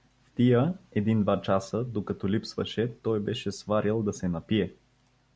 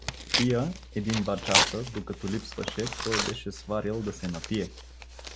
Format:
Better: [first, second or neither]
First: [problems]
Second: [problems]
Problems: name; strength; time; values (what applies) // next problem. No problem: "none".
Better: first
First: none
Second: background sound (Tearing); 1 dB below the speech